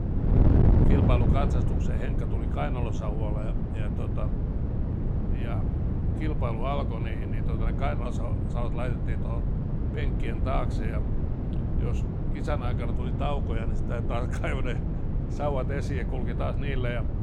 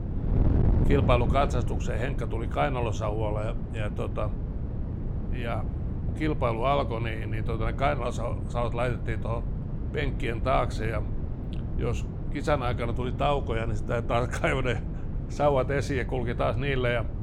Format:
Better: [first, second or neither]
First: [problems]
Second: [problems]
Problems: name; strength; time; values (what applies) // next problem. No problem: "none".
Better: second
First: wind noise on the microphone; heavy; 3 dB below the speech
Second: wind noise on the microphone; occasional gusts; 15 dB below the speech